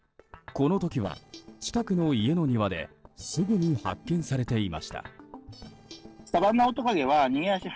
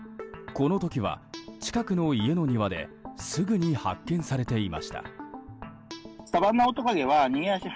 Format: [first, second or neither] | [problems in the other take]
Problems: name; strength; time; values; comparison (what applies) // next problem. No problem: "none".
second | noise reduction (neural separator model SepFormer DNS4)